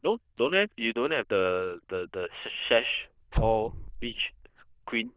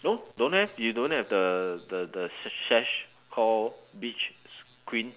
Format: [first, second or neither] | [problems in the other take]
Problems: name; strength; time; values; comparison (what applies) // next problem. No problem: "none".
second | noise reduction (neural diffusion model UNIVERSE++)